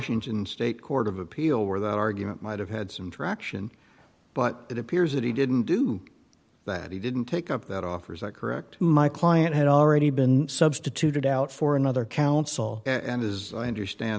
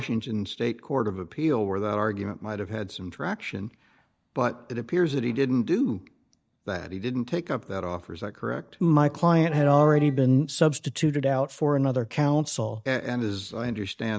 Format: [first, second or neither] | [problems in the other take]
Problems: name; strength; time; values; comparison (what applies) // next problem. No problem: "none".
first | noise reduction (neural mask model DeepFilterNet 3)